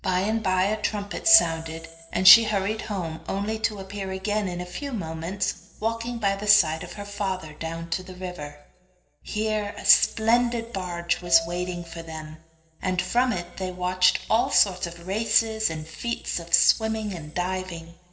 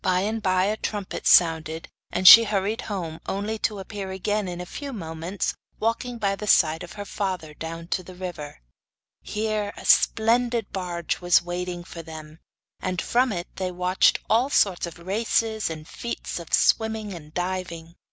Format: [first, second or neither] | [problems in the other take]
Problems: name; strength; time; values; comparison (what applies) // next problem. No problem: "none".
second | background sound (Piano); 17 dB below the speech // room echo; dies away in 1.4 s